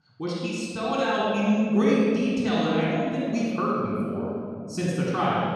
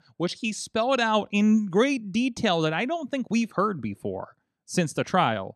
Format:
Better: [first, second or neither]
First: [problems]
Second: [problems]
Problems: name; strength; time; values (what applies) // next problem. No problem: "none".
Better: second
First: room echo; strong; dies away in 3 s // off-mic speech; far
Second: none